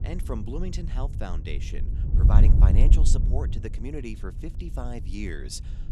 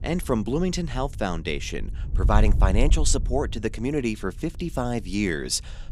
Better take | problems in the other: second | wind noise on the microphone; heavy; 3 dB below the speech; occasional gusts in the second

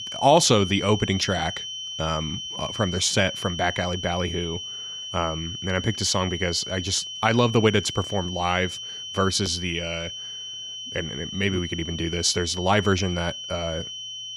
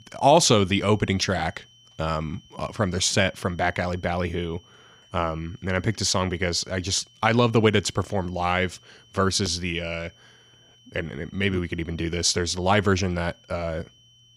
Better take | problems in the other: second | high-pitched whine; loud; throughout; 3 kHz, 7 dB below the speech; faint in the second

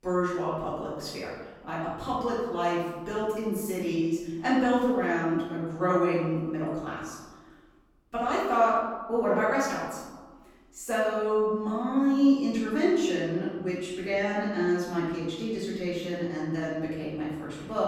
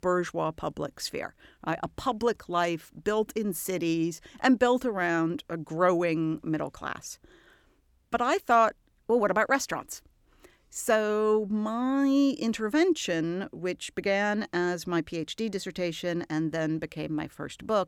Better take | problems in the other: second | off-mic speech; far // room echo; strong; dies away in 1.1 s

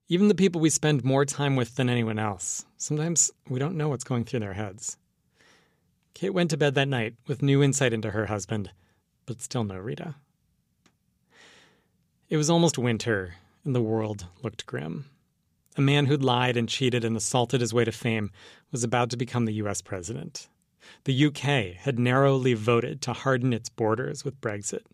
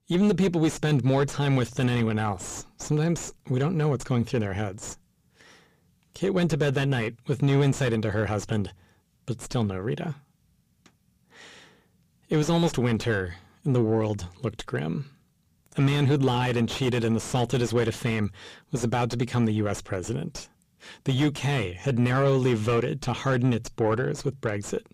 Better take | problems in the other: first | distortion; heavy; 7 dB below the speech

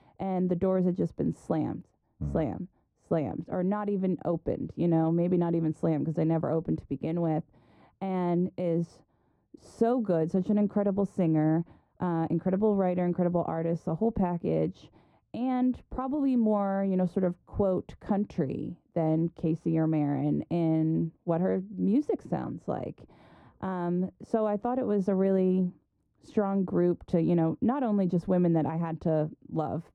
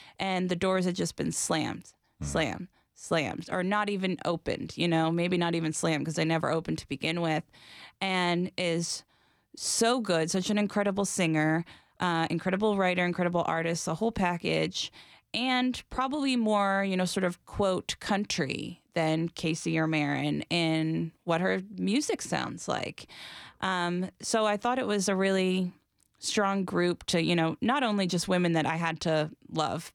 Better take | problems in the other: second | muffled; very; fading above 1.5 kHz

